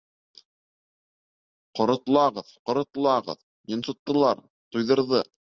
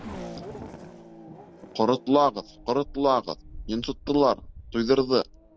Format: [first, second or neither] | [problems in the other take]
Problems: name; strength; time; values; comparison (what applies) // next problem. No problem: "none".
first | background sound (Race car, auto racing / Accelerating, revving, vroom); 16 dB below the speech